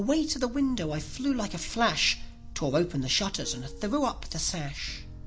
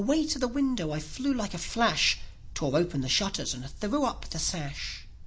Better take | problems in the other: second | background sound (Piano); 20 dB below the speech

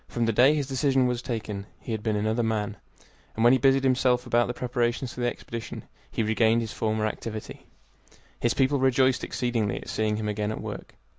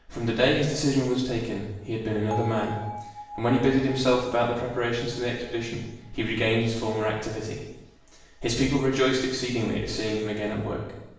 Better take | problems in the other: first | background sound (Bell); 18 dB below the speech // room echo; dies away in 0.9 s

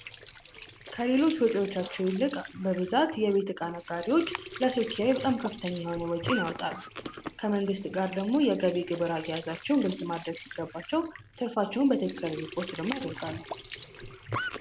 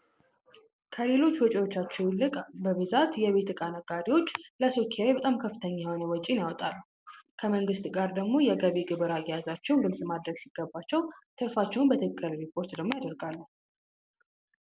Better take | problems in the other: second | background sound (Squeak / Trickle, dribble / Sink (filling or washing)); 13 dB below the speech

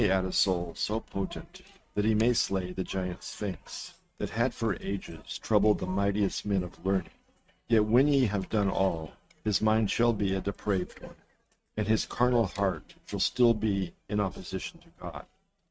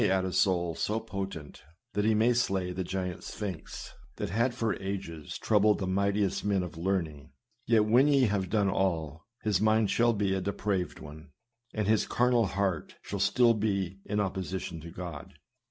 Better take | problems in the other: second | noise reduction (neural mask model RNNoise)

